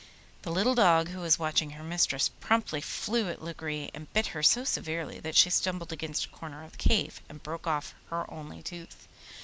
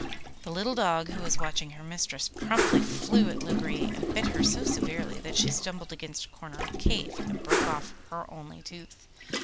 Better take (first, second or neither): first